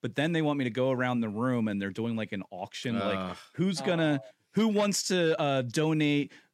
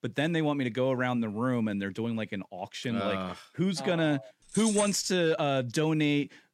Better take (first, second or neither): first